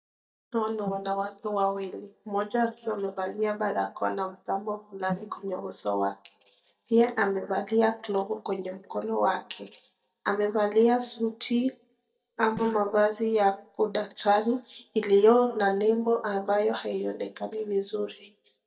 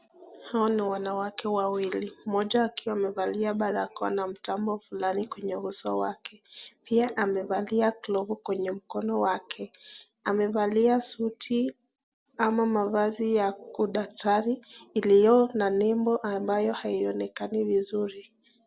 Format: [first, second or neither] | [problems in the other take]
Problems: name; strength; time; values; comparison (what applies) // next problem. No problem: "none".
second | noise reduction (neural mask model DeepFilterNet 3)